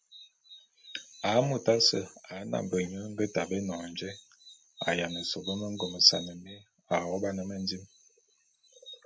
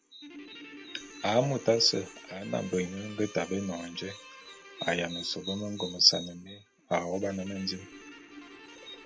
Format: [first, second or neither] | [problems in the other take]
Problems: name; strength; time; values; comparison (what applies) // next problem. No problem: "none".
first | background sound (Guitar); 18 dB below the speech